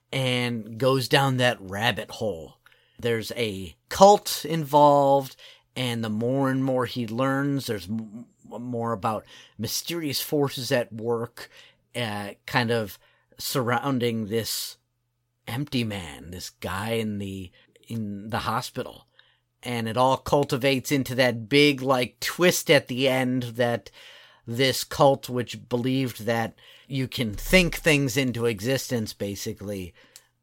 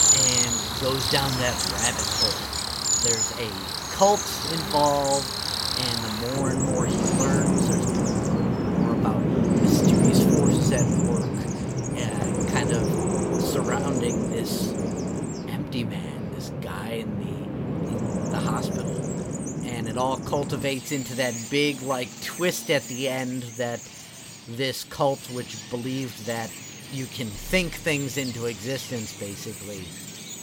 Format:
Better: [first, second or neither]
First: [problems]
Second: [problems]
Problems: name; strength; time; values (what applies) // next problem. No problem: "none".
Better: first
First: none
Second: animal sounds; very loud; throughout; 4 dB above the speech